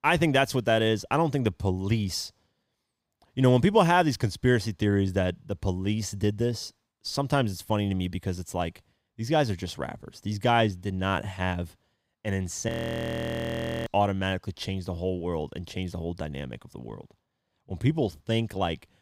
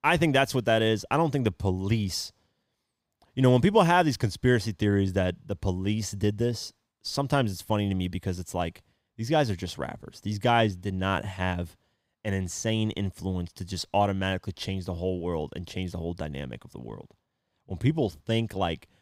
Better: second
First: audio freezing; at 13 s for 1 s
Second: none

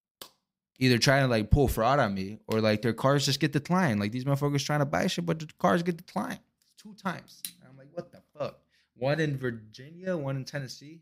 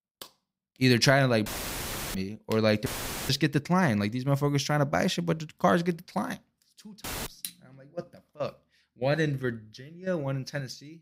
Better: first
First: none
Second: audio cutting out; filled with static; at 1.5 s for 0.5 s, at 3 s and at 7 s

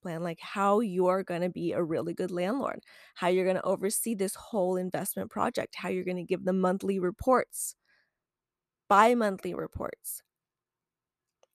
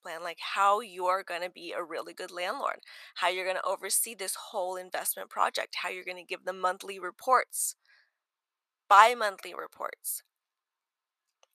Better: first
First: none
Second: thin; very; fading below 950 Hz

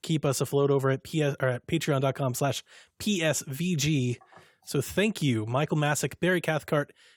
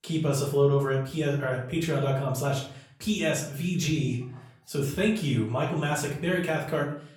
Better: first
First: none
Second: room echo; slight; dies away in 0.5 s // off-mic speech; far

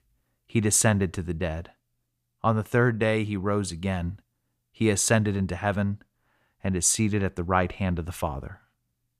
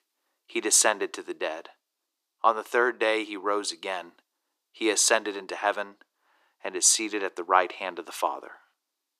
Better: first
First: none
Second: thin; very; fading below 300 Hz

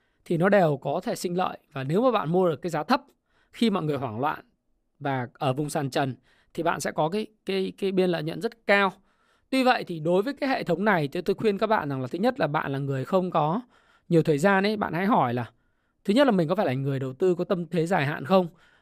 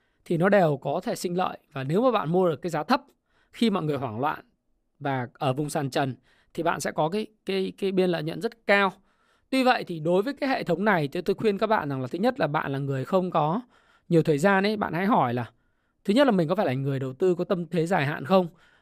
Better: neither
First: none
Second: none

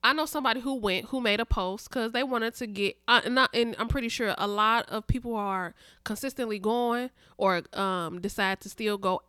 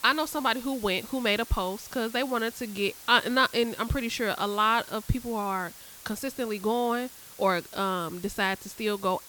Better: first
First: none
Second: hiss; noticeable; throughout; 15 dB below the speech

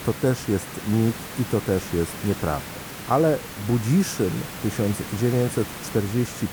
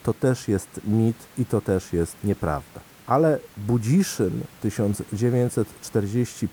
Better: second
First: hiss; loud; throughout; 9 dB below the speech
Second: hiss; faint; throughout; 25 dB below the speech

